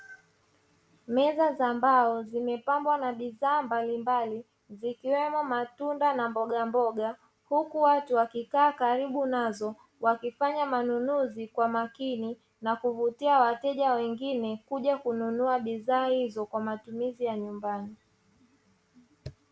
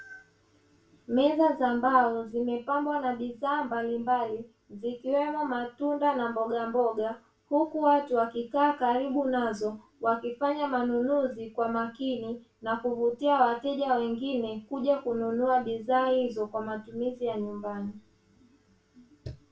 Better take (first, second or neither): first